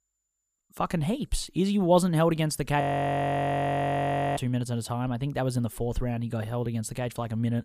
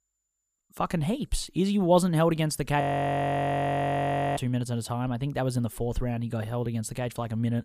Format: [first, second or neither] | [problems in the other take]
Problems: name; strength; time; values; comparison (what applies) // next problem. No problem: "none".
neither | audio freezing; at 3 s for 1.5 s; the same in both